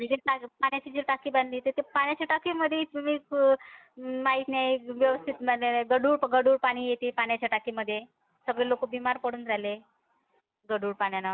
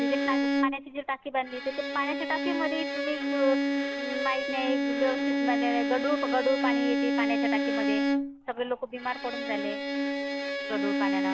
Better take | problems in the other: first | background sound (Bowed string instrument); 3 dB above the speech

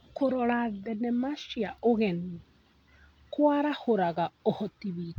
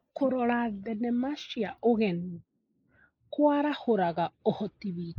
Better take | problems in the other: first | noise reduction (neural mask model Resemble Enhance denoiser)

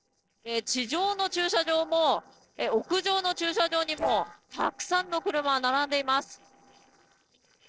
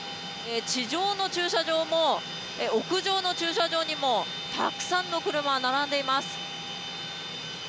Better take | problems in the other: second | noise reduction (neural separator model SepFormer DNS4)

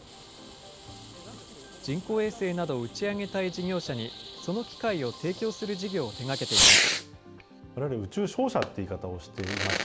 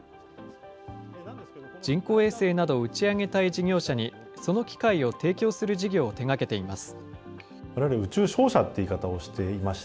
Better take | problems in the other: second | background sound (Fireworks); 1 dB above the speech

